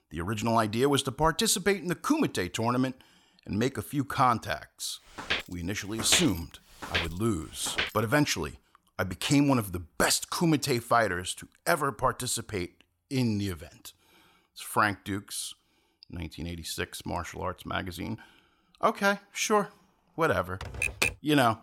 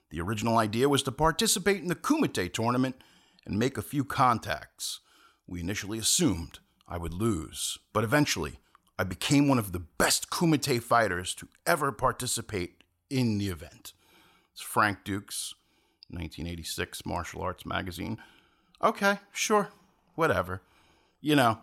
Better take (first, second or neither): second